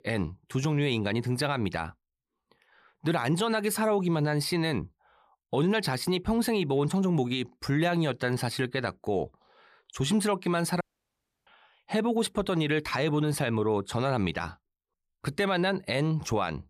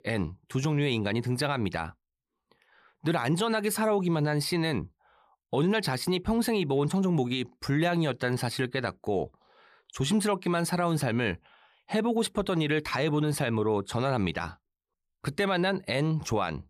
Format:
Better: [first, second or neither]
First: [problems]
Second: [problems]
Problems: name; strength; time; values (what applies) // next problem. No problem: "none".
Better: second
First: audio cutting out; at 11 s for 0.5 s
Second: none